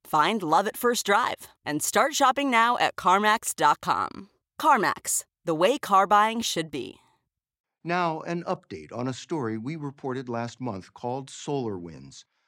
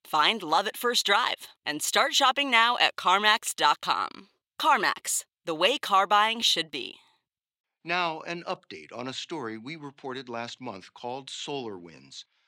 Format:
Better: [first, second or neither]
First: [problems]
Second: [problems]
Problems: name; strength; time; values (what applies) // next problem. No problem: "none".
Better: first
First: none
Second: thin; very slightly; fading below 350 Hz